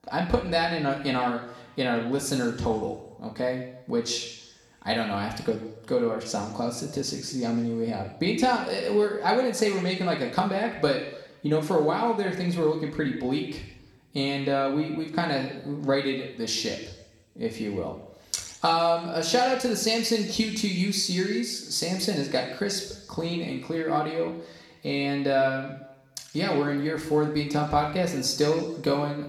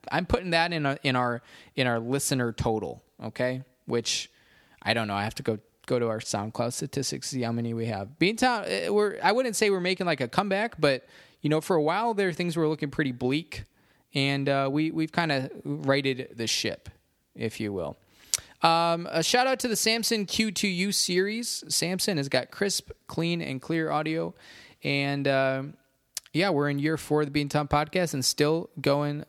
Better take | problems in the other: second | room echo; slight; dies away in 0.9 s // off-mic speech; somewhat distant

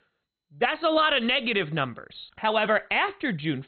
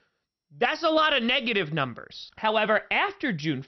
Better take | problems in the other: second | garbled, watery; badly; nothing above 4 kHz; slightly in the second

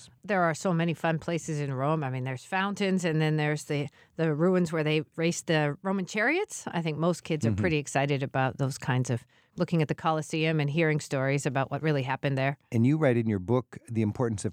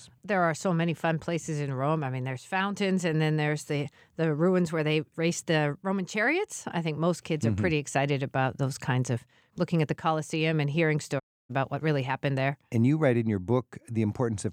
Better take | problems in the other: first | audio cutting out; at 11 s

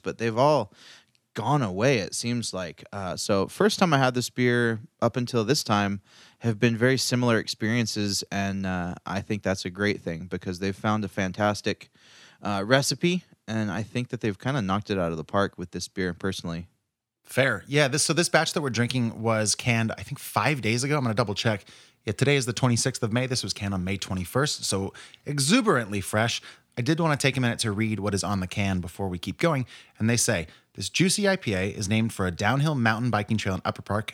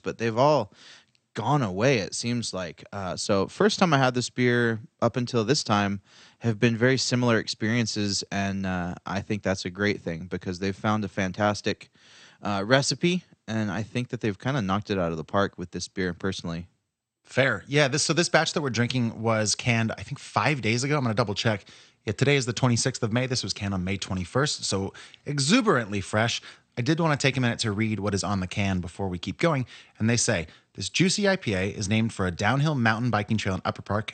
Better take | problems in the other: first | garbled, watery; slightly; nothing above 8.5 kHz

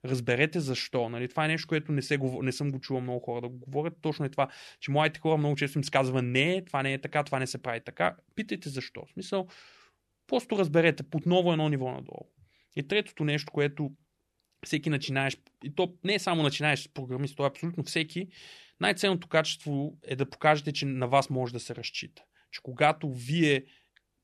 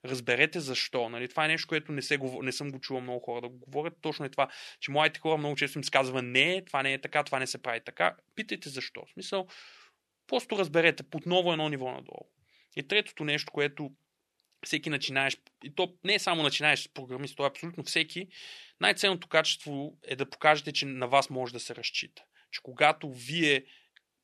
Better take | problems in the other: first | thin; very slightly; fading below 900 Hz

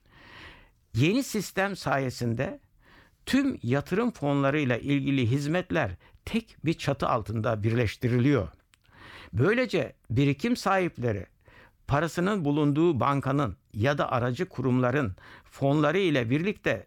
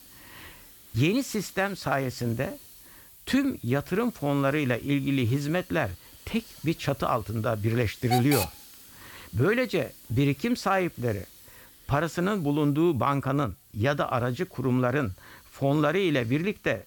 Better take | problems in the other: first | hiss; noticeable; throughout; 15 dB below the speech

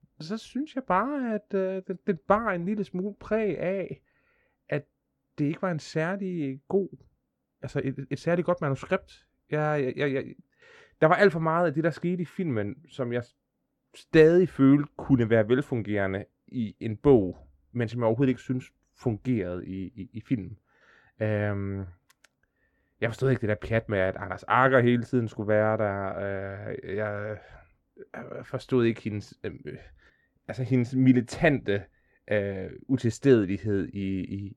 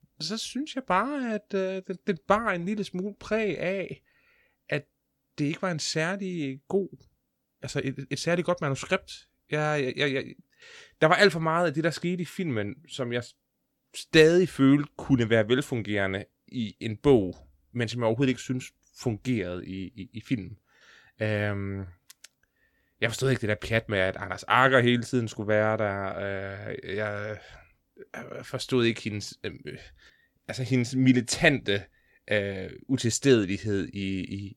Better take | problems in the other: second | muffled; slightly; fading above 2.5 kHz

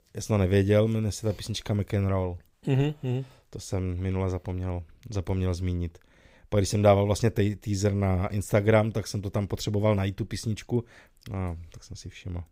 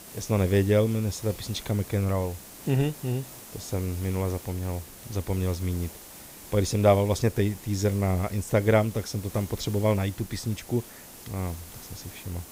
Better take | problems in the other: first | hiss; noticeable; throughout; 15 dB below the speech

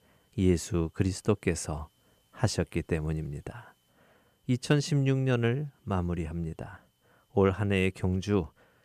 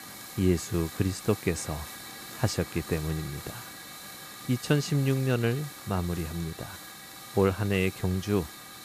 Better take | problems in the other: first | hiss; noticeable; throughout; 10 dB below the speech

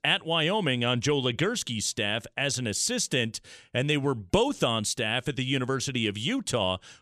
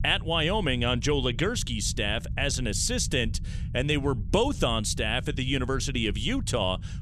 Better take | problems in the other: first | low rumble; faint; throughout; 20 dB below the speech

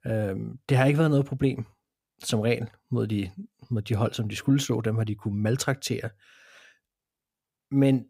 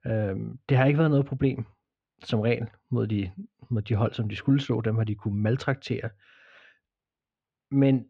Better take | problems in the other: first | muffled; slightly; fading above 3.5 kHz

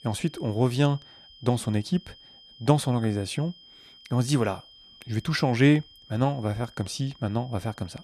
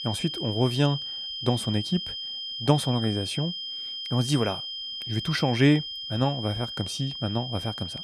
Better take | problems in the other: first | high-pitched whine; loud; throughout; 3 kHz, 5 dB below the speech; faint in the first

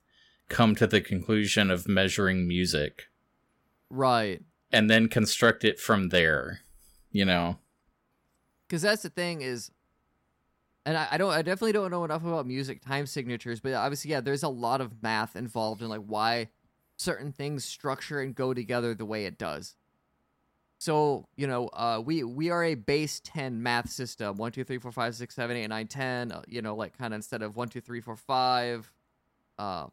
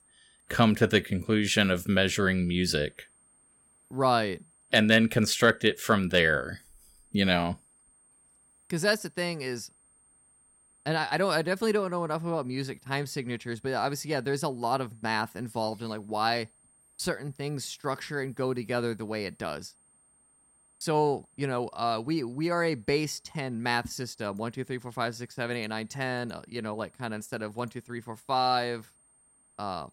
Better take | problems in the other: first | high-pitched whine; faint; throughout; 8.5 kHz, 30 dB below the speech

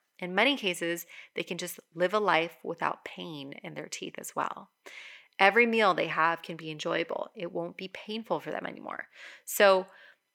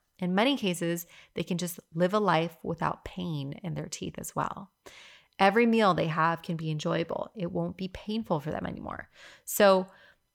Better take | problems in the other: second | thin; very slightly; fading below 350 Hz

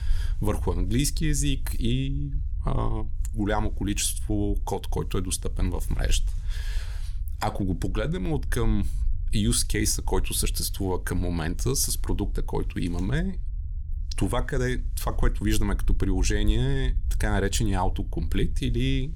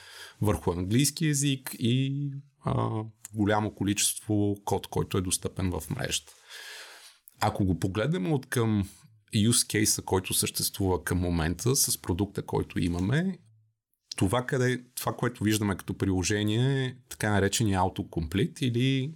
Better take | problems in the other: second | low rumble; faint; throughout; 25 dB below the speech

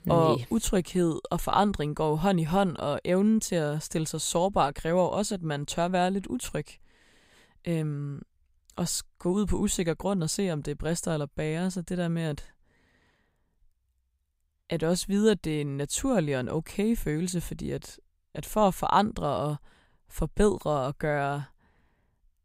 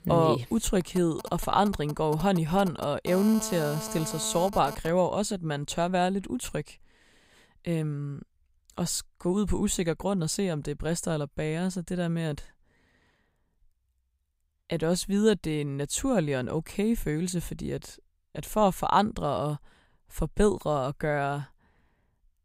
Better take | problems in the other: first | phone ringing; noticeable; from 1 to 5 s; peak 9 dB below the speech

